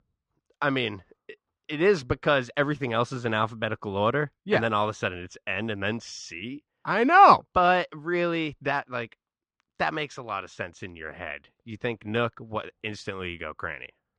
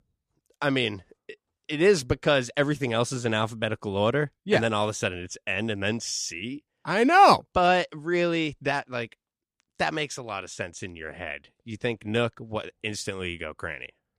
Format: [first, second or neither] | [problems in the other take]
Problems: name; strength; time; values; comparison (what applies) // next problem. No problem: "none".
second | muffled; slightly; fading above 4 kHz